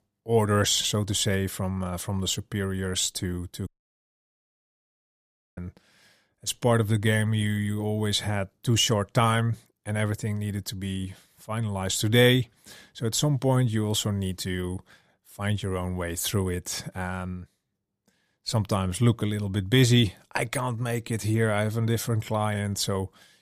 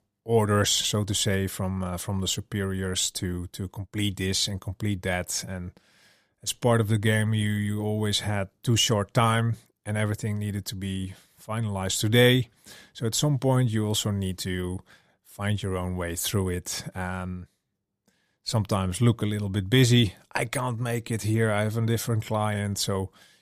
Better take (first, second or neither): second